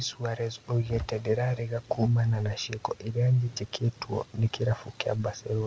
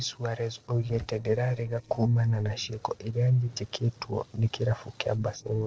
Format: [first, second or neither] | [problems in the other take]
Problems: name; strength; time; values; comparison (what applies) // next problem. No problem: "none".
first | noise reduction (neural separator model SepFormer DNS4)